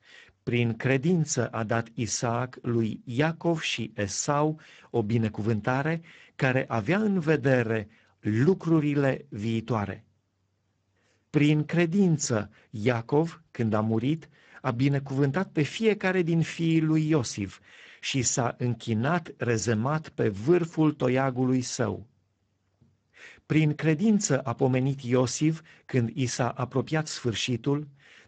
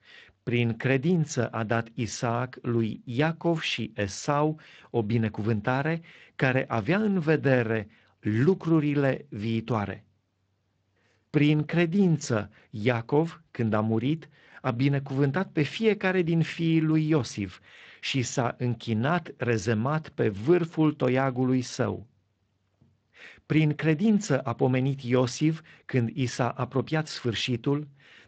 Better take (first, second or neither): second